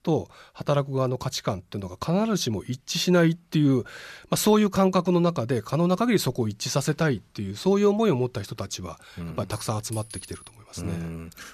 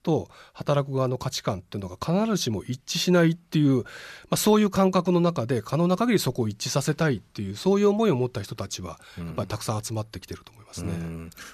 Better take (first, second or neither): second